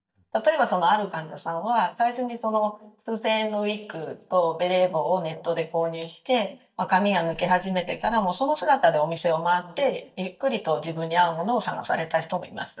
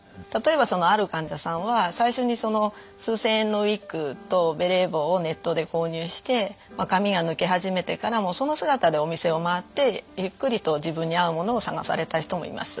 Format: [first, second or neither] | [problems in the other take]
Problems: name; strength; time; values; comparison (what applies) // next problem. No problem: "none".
second | noise reduction (neural mask model DeepFilterNet 3)